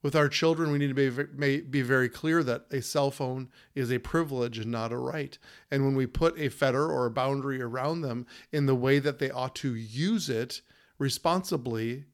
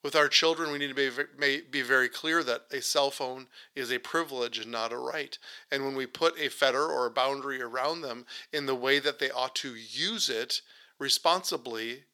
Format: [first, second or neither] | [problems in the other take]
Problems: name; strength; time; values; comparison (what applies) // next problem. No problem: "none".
first | thin; somewhat; fading below 500 Hz